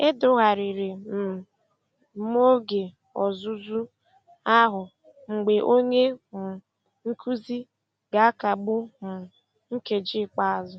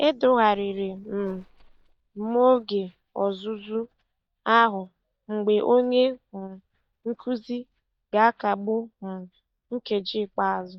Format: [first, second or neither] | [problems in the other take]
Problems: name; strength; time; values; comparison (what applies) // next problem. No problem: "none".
first | noise reduction (neural mask model DeepFilterNet 3)